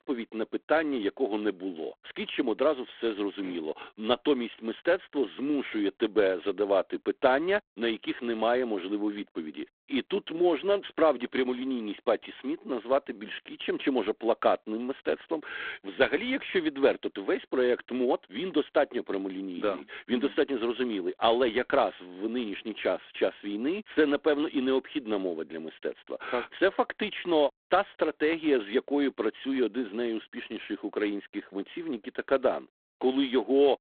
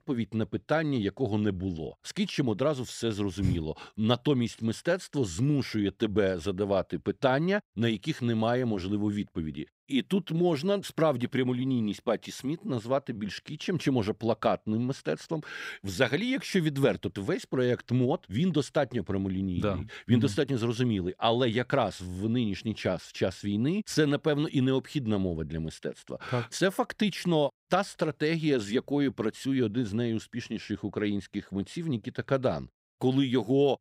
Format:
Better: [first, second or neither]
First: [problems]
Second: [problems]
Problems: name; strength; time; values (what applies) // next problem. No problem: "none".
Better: second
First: phone-call audio; poor line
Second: none